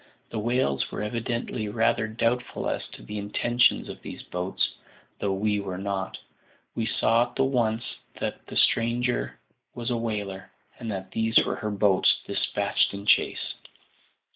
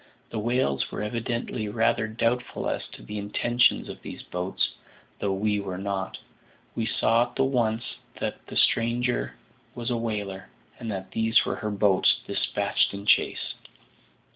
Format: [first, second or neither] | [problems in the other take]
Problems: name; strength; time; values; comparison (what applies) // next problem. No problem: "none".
second | noise reduction (neural mask model Resemble Enhance denoiser)